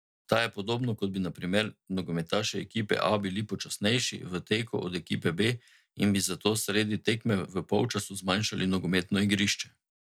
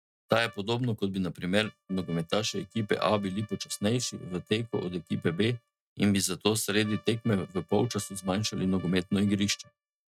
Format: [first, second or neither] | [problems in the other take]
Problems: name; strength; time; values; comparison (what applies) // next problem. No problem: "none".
first | noise reduction (neural mask model RNNoise)